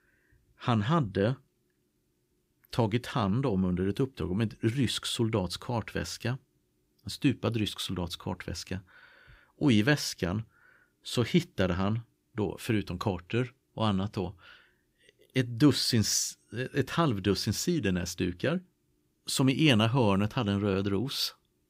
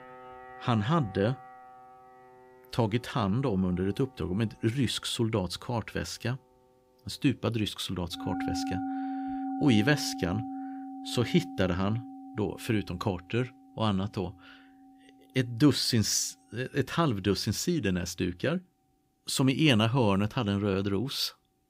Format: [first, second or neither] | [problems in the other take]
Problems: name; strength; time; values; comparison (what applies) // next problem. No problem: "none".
first | background music; loud; throughout; 9 dB below the speech